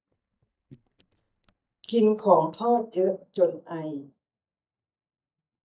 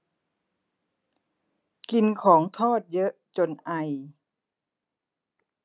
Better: second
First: noise reduction (neural mask model DeepFilterNet 3)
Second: none

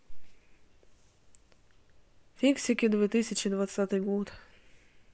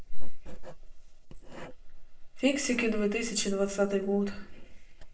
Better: first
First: none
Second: noise reduction (neural separator model SepFormer DNS4)

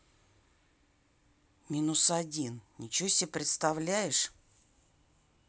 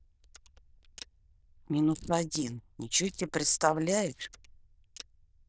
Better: first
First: none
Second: noise reduction (neural diffusion model UNIVERSE++)

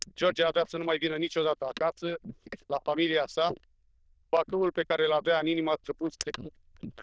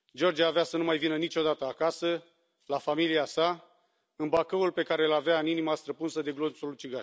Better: second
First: noise reduction (neural diffusion model UNIVERSE++)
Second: none

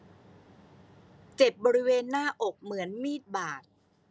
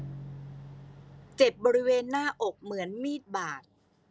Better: first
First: none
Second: background sound (Bowed string instrument); 18 dB below the speech

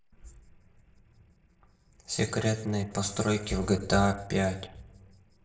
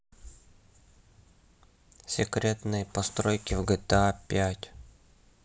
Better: second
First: noise reduction (neural separator model SepFormer DNS4)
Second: none

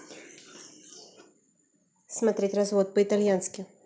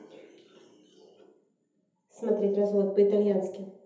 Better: first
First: none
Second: room echo; dies away in 0.7 s

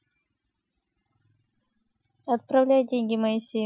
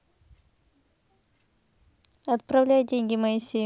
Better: second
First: noise reduction (classical method Wiener filter)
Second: none

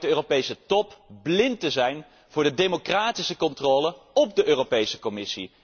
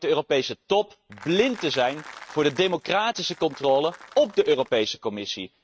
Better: first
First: none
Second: noise reduction (neural mask model RNNoise)

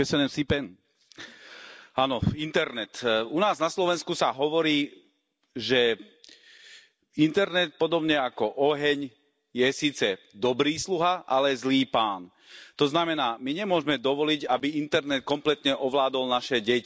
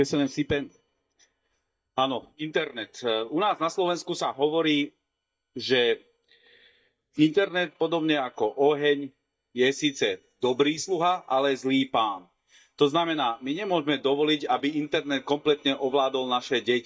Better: first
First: none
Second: noise reduction (neural mask model DeepFilterNet 3)

